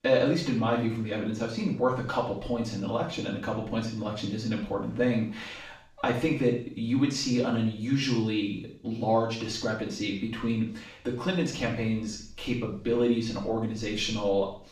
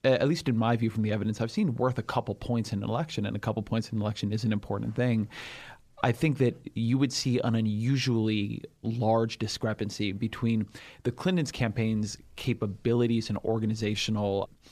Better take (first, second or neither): second